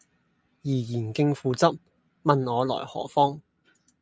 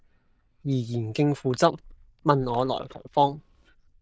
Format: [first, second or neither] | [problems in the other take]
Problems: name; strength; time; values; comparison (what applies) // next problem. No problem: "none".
first | noise reduction (neural diffusion model UNIVERSE++)